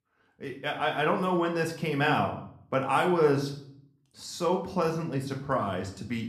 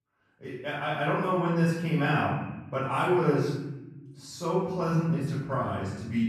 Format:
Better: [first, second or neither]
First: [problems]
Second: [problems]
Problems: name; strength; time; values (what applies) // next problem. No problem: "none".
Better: first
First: room echo; slight; dies away in 0.5 s // off-mic speech; somewhat distant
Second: room echo; strong; dies away in 1.1 s // off-mic speech; far